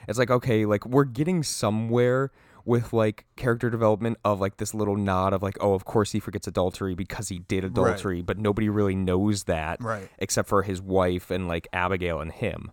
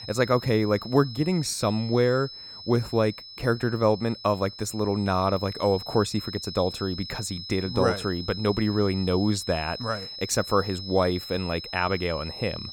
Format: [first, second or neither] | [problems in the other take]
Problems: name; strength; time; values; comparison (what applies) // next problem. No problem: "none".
first | high-pitched whine; noticeable; throughout; 5 kHz, 10 dB below the speech